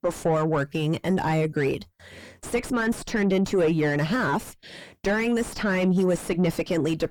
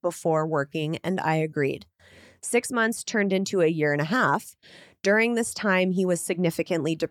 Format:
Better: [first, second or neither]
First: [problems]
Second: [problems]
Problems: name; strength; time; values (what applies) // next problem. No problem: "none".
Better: second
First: distortion; heavy; 5 dB below the speech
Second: none